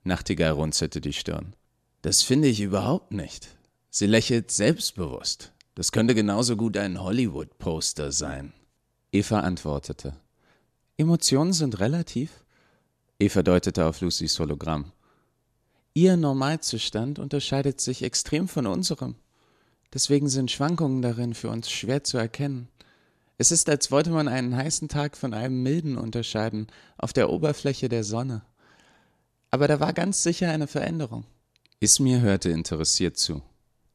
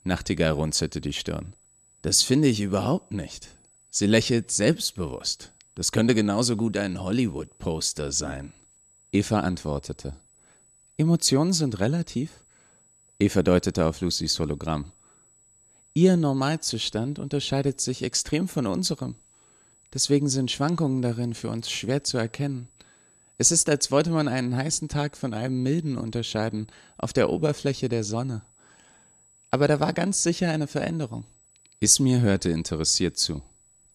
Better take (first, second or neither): first